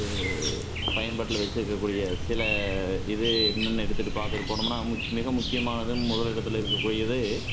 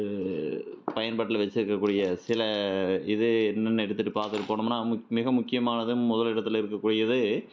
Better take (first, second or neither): second